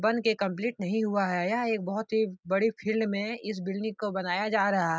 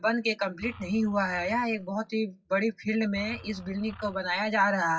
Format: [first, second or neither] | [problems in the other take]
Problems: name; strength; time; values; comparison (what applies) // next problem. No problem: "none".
first | noise reduction (classical method WPE with log-MMSE)